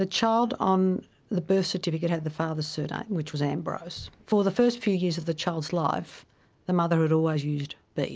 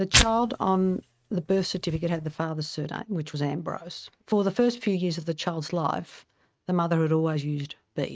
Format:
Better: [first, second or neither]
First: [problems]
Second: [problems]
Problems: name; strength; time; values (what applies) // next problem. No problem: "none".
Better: first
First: none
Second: noise reduction (neural mask model RNNoise)